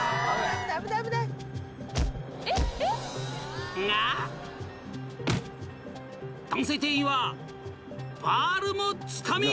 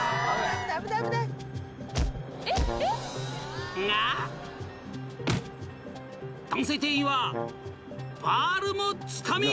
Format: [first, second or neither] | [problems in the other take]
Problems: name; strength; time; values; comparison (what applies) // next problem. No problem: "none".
first | background sound (Brass instrument); 11 dB below the speech